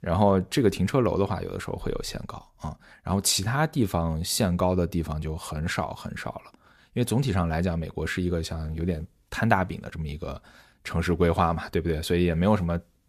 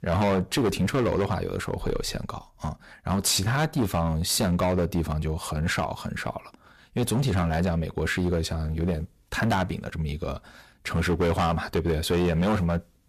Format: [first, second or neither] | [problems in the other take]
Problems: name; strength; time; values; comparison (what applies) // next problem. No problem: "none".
first | distortion; heavy; 11% of the sound clipped